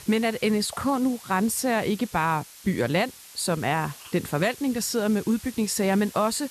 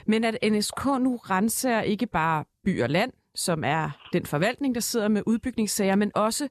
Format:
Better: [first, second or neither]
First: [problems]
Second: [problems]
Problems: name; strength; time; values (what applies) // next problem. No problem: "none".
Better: second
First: hiss; noticeable; throughout; 20 dB below the speech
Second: none